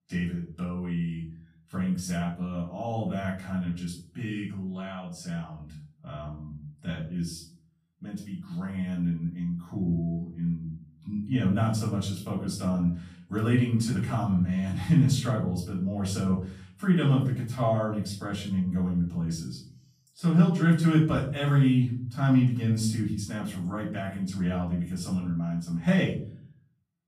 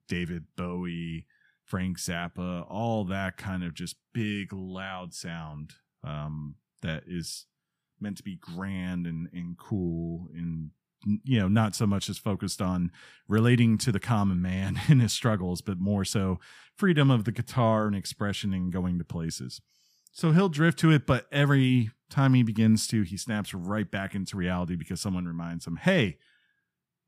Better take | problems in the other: second | off-mic speech; far // room echo; noticeable; dies away in 0.5 s

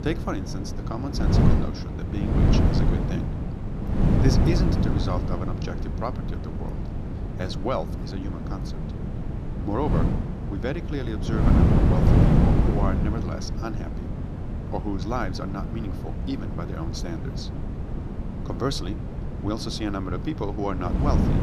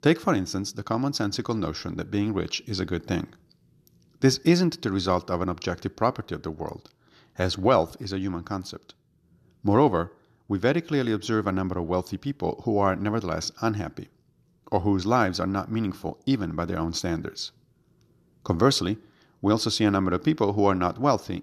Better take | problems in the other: second | wind noise on the microphone; heavy; 1 dB below the speech

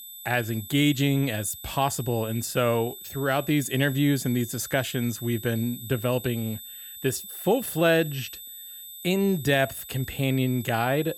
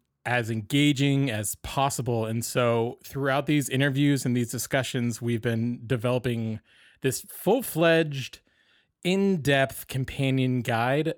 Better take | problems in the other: second | high-pitched whine; noticeable; throughout; 12 kHz, 15 dB below the speech

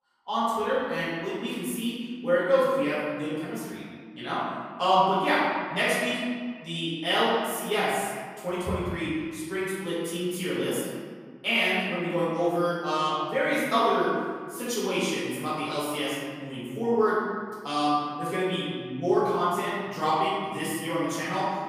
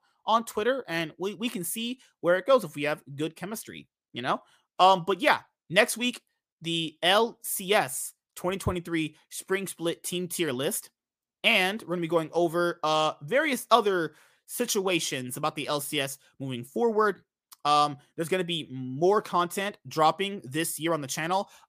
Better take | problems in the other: second | room echo; strong; dies away in 1.6 s // off-mic speech; far

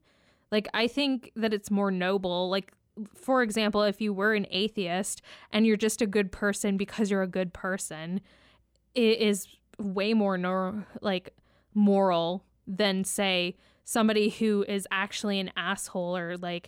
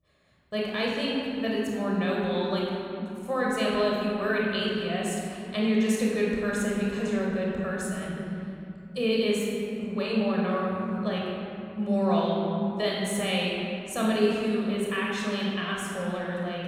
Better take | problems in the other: first | off-mic speech; far // room echo; strong; dies away in 3 s

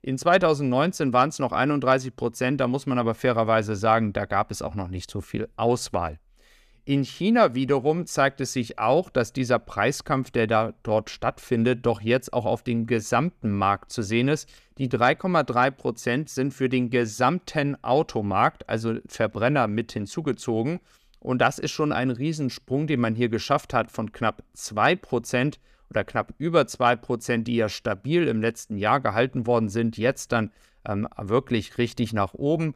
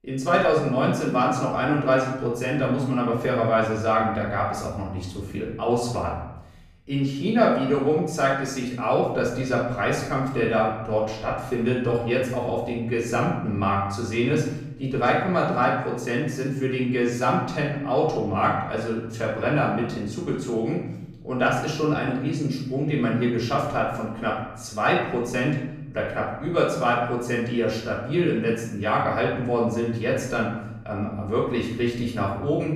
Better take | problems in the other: first | off-mic speech; far // room echo; noticeable; dies away in 0.8 s

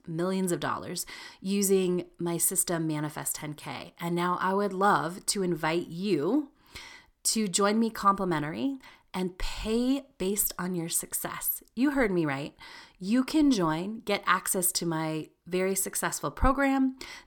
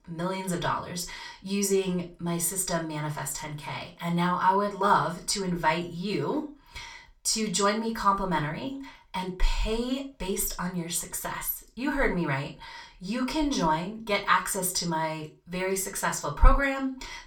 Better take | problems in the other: first | room echo; very slight; dies away in 0.2 s // off-mic speech; far

